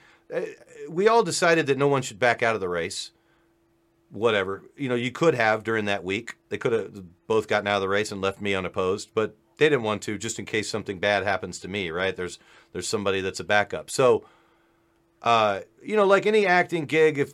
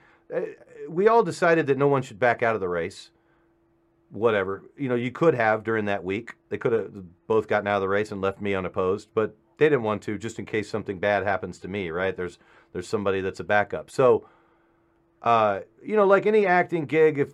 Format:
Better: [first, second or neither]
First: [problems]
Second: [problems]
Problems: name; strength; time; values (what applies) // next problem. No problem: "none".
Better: first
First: none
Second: muffled; slightly; fading above 2.5 kHz